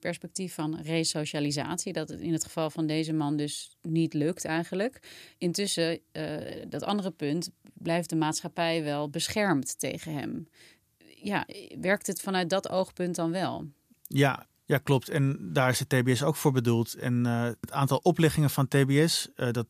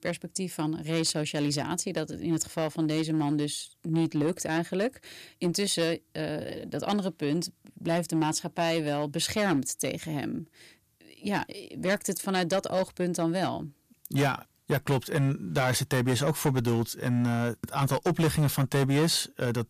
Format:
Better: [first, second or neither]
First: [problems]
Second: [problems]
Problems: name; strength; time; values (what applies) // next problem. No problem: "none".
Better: first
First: none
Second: distortion; slight; 6% of the sound clipped